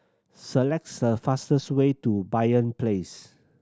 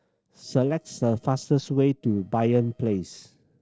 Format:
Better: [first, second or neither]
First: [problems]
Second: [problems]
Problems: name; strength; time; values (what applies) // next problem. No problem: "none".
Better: first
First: none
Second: noise reduction (neural separator model SepFormer DNS4)